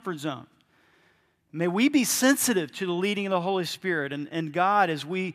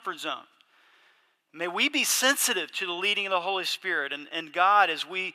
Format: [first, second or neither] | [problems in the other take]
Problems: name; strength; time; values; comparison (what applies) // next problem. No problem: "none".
first | thin; somewhat; fading below 550 Hz